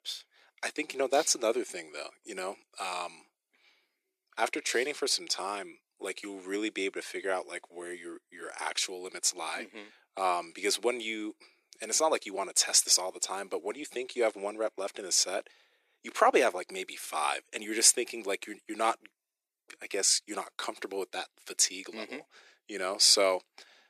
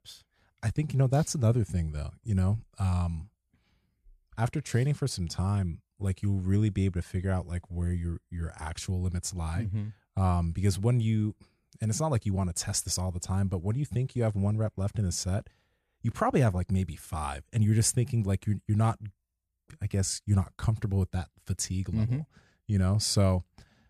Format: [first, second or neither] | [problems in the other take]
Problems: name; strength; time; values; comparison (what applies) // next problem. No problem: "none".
second | thin; very; fading below 350 Hz